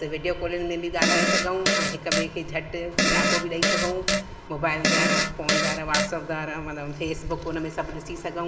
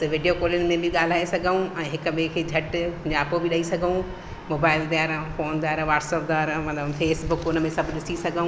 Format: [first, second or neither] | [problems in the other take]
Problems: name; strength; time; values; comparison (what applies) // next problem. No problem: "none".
second | background sound (Fart); 5 dB above the speech // room echo; dies away in 2.3 s